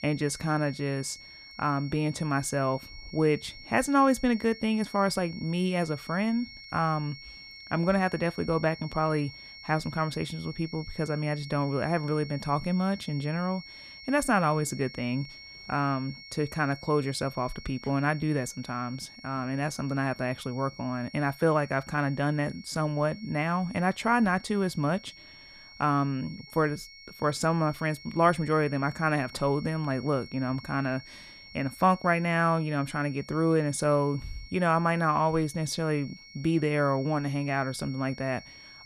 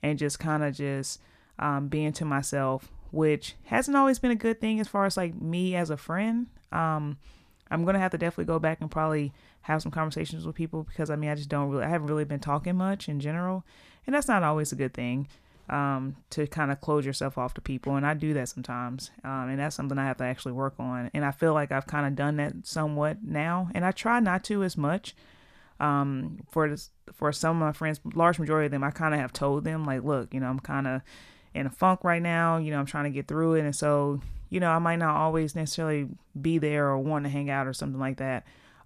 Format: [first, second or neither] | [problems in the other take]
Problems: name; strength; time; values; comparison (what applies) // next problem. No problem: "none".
second | high-pitched whine; noticeable; throughout; 2 kHz, 15 dB below the speech